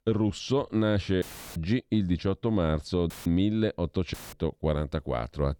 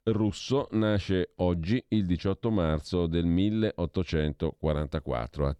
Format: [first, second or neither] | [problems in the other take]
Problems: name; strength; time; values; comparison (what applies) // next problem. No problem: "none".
second | audio cutting out; filled with static; at 1 s, at 3 s and at 4 s